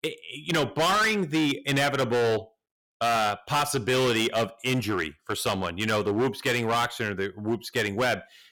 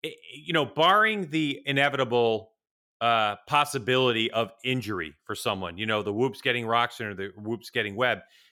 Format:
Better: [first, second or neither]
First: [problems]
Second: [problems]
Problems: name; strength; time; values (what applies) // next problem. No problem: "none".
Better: second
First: distortion; heavy; 16% of the sound clipped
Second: none